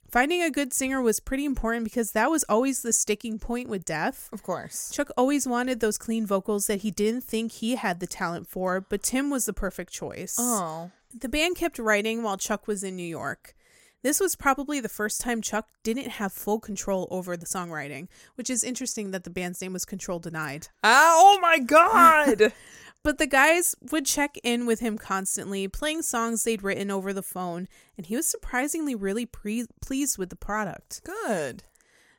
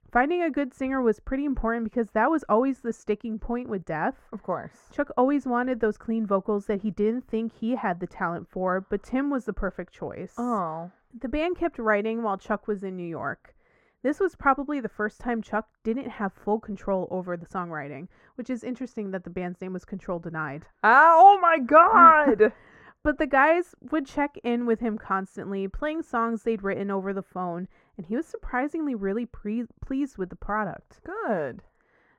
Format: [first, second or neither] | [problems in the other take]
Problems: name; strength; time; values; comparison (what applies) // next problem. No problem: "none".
first | muffled; very; fading above 4 kHz